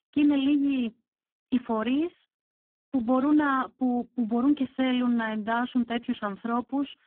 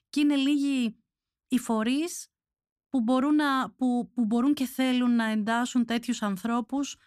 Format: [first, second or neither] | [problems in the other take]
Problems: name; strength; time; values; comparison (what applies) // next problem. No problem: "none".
second | phone-call audio; poor line; nothing above 8 kHz